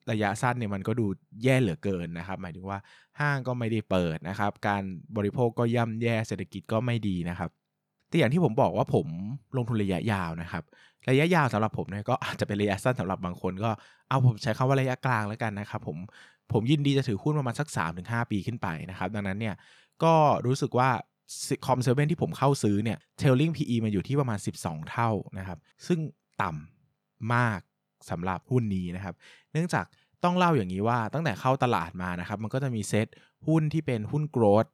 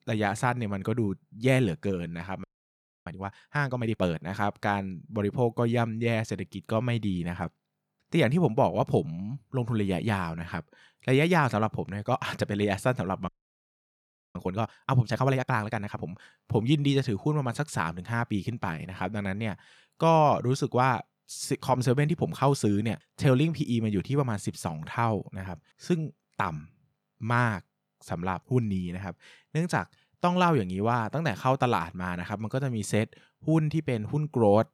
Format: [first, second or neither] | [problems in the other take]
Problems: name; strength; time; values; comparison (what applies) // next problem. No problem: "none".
first | audio freezing; at 2.5 s for 0.5 s and at 13 s for 1 s